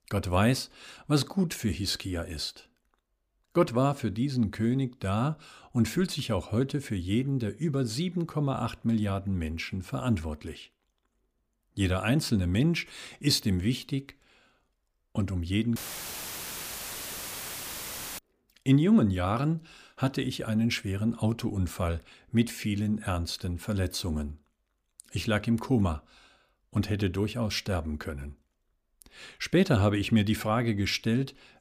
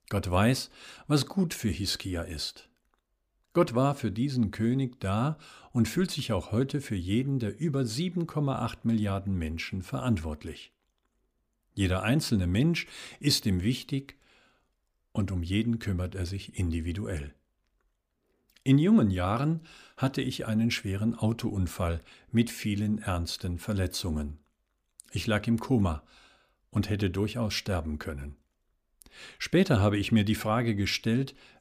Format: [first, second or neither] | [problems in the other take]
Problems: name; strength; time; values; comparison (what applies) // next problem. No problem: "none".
second | audio cutting out; filled with static; at 16 s for 2.5 s